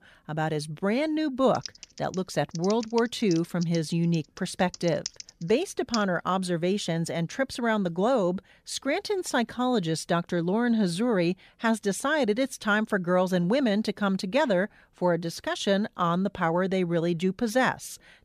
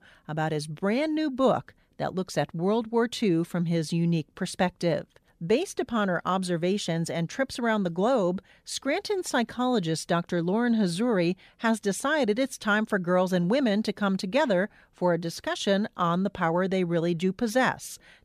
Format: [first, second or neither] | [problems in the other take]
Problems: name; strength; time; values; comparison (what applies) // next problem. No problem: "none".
second | keyboard typing; noticeable; from 1.5 to 6 s; peak 10 dB below the speech